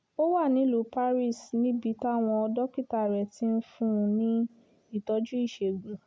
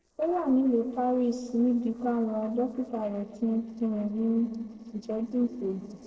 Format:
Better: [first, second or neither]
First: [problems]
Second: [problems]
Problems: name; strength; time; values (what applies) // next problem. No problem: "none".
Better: first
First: none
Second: noise reduction (neural separator model SepFormer DNS4)